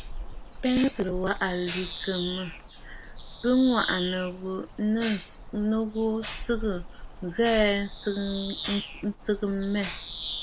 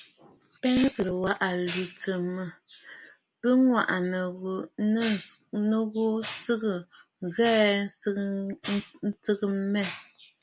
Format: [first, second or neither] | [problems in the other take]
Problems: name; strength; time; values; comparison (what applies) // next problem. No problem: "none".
second | background sound (Bird vocalization, bird call, bird song); 10 dB below the speech